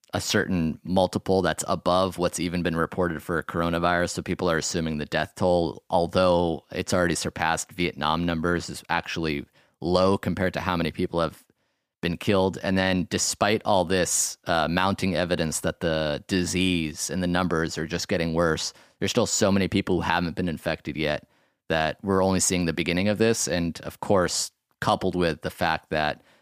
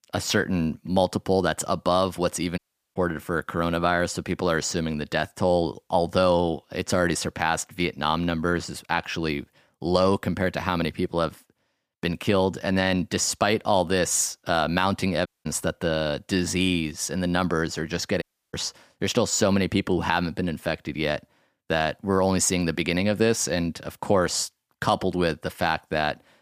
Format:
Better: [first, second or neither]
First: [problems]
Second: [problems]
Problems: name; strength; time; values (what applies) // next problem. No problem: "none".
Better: first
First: none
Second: audio cutting out; at 2.5 s, at 15 s and at 18 s